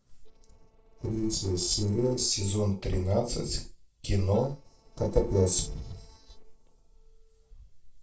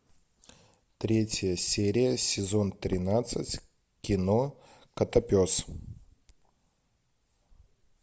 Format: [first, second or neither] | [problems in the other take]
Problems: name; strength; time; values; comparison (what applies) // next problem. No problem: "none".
second | noise reduction (neural separator model SepFormer DNS4)